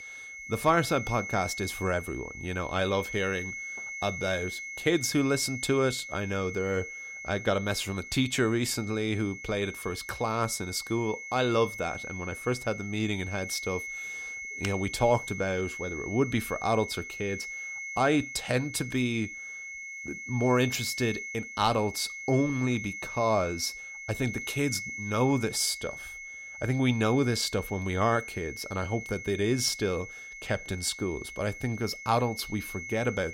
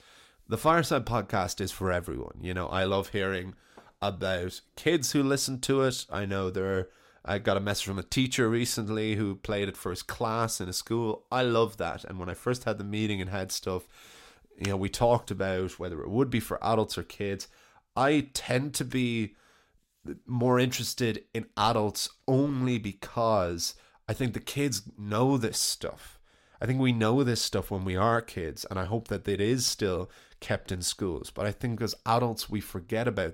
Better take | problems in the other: second | high-pitched whine; loud; throughout; 2 kHz, 9 dB below the speech

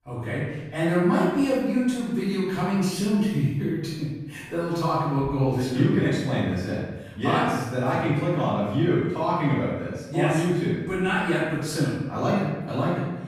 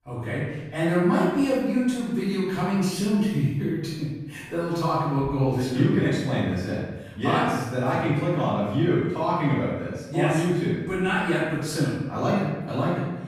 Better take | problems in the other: neither | room echo; strong; dies away in 1 s; the same in both // off-mic speech; far; the same in both

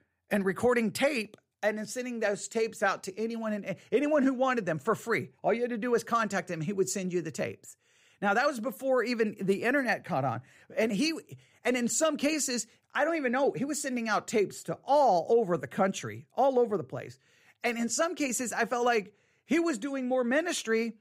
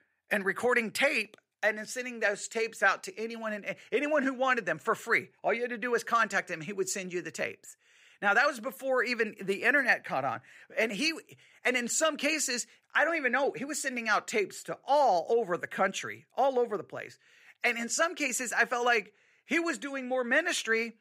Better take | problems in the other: first | thin; very slightly; fading below 400 Hz

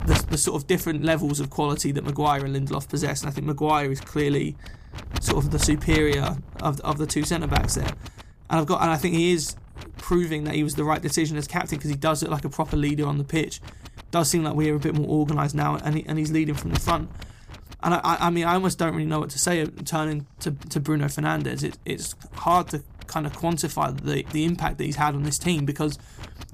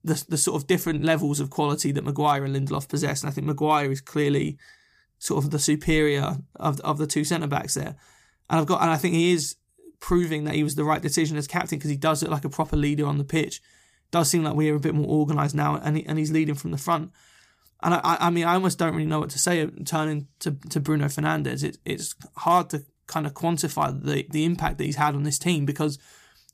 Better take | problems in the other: second | wind noise on the microphone; occasional gusts; 15 dB below the speech

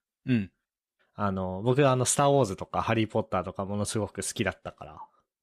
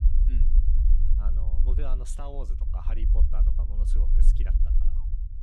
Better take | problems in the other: first | low rumble; loud; throughout; 3 dB below the speech

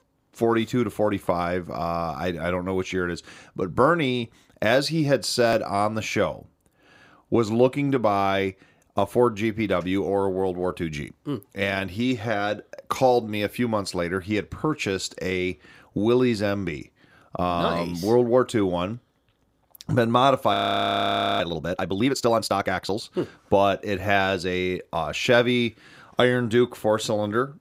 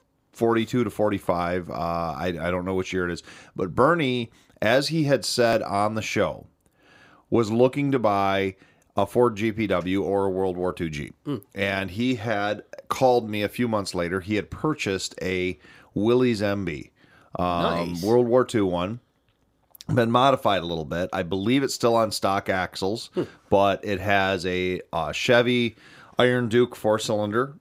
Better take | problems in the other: second | audio freezing; at 21 s for 1 s

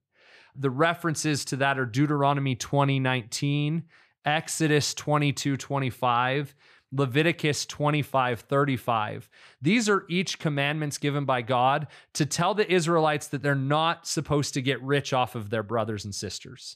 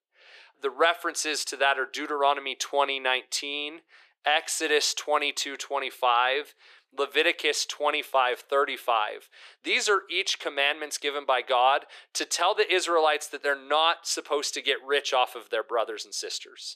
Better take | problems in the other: first | thin; very; fading below 400 Hz

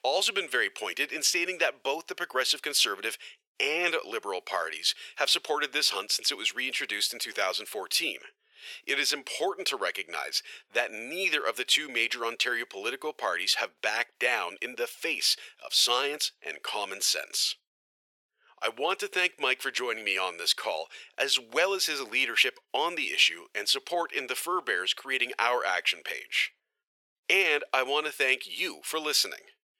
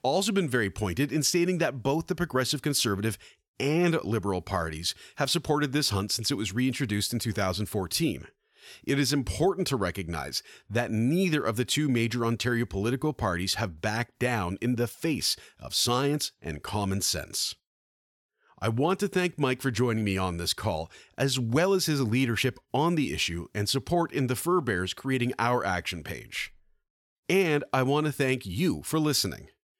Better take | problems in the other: second | thin; very; fading below 450 Hz

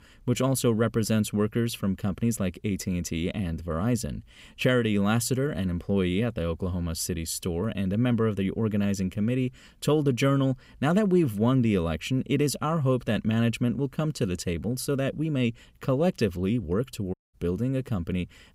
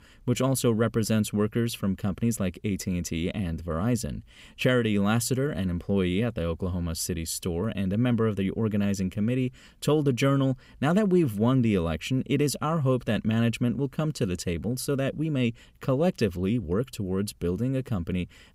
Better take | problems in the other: second | audio cutting out; at 17 s

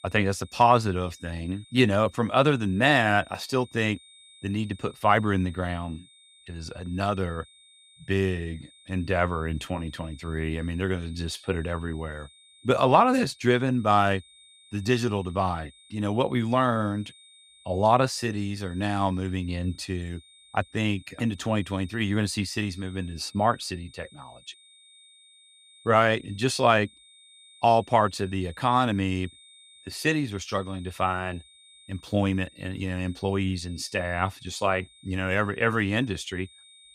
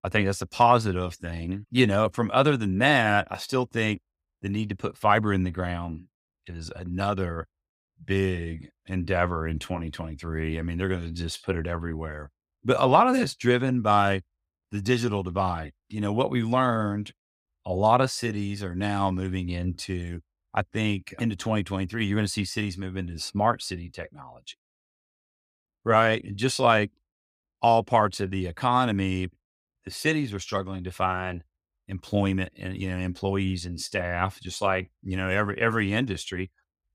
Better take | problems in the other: second | high-pitched whine; faint; throughout; 3.5 kHz, 25 dB below the speech

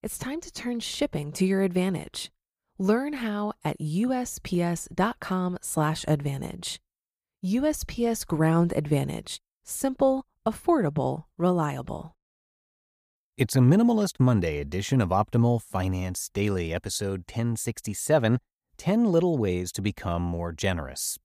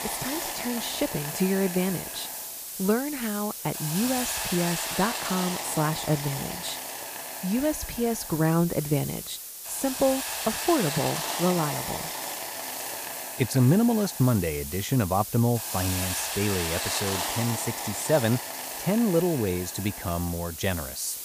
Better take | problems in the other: first | hiss; loud; throughout; 4 dB below the speech

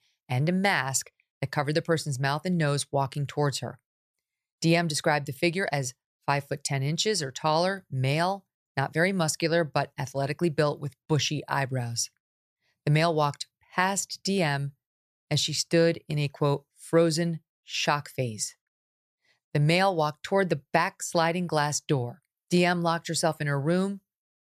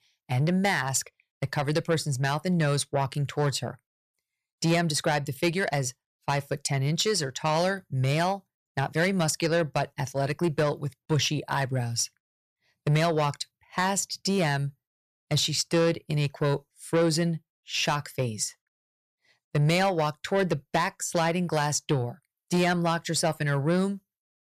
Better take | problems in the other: first | distortion; slight; 10 dB below the speech

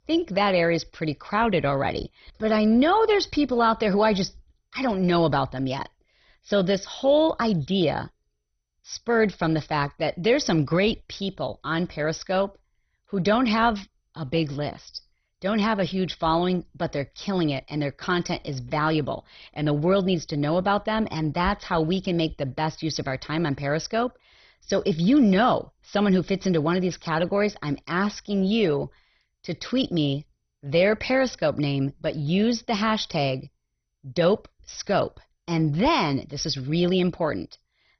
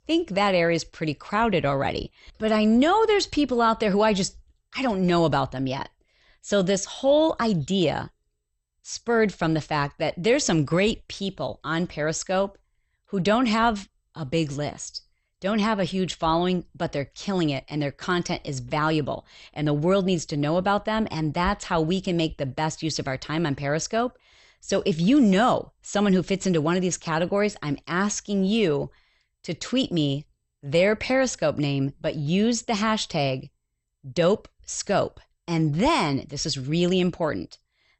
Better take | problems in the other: second | garbled, watery; badly; nothing above 6 kHz; slightly in the second

